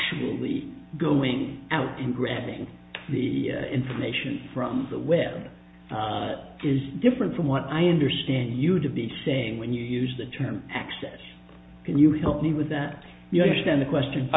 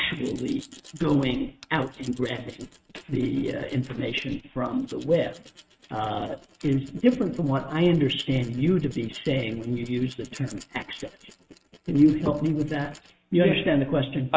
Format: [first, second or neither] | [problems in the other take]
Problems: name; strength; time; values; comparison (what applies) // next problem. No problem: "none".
first | noise reduction (neural mask model RNNoise)